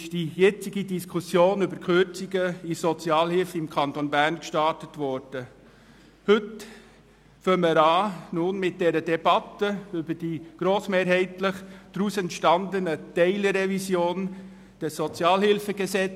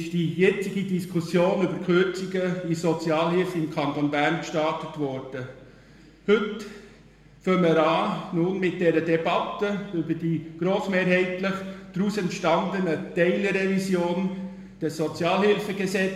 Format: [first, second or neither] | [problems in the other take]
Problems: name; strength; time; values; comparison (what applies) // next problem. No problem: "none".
first | room echo; dies away in 1 s